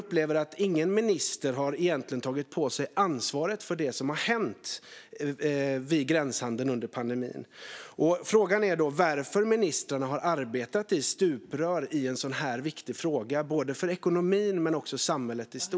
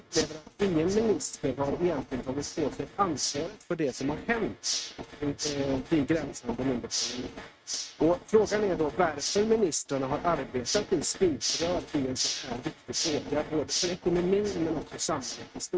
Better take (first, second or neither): first